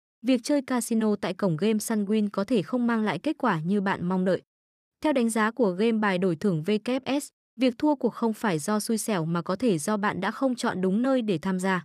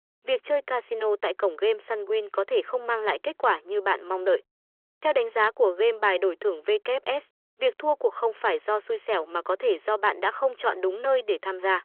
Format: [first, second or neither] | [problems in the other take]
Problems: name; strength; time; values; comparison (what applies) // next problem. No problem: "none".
first | phone-call audio